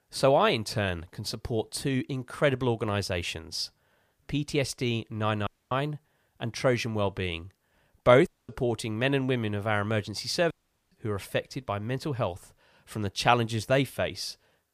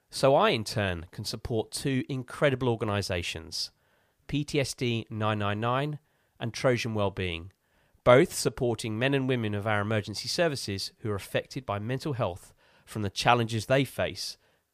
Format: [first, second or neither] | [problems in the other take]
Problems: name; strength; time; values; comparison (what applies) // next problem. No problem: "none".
second | audio cutting out; at 5.5 s, at 8.5 s and at 11 s